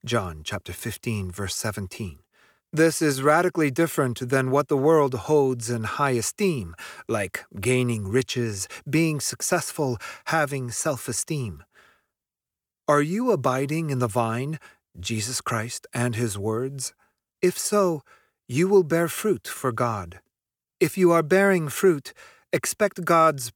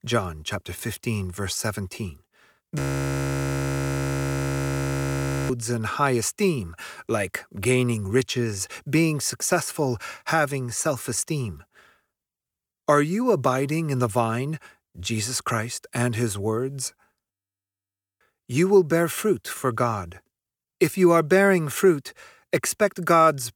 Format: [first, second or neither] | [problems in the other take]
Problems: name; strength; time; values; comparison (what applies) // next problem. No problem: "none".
first | audio freezing; at 3 s for 2.5 s and at 17 s for 1 s